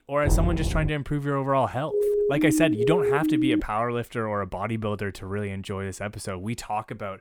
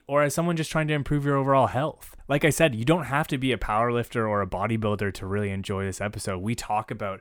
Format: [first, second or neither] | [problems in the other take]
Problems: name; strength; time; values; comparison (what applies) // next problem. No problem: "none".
second | door banging; loud; at 0.5 s; peak 3 dB above the speech // siren; loud; from 2 to 3.5 s; peak 4 dB above the speech